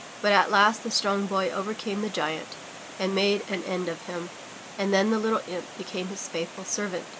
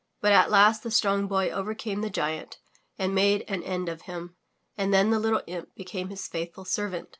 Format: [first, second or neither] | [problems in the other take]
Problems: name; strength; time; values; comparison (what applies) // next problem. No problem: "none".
second | background sound (Water); 14 dB below the speech